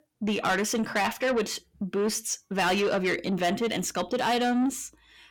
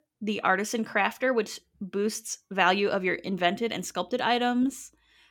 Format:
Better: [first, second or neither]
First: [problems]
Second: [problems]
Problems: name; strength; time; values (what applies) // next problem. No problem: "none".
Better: second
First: distortion; heavy; 8 dB below the speech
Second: none